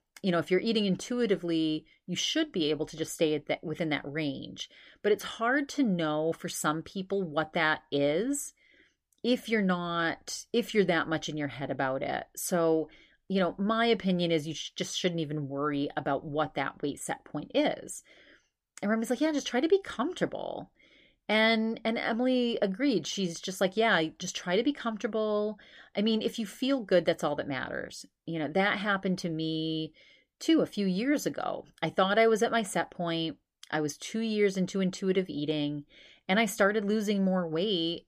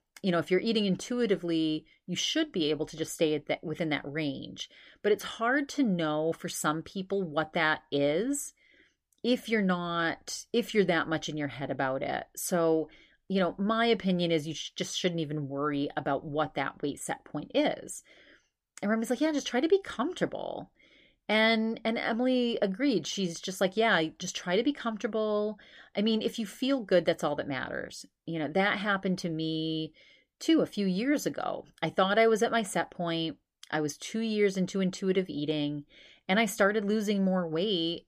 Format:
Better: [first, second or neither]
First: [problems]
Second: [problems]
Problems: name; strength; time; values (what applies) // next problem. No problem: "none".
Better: neither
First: none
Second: none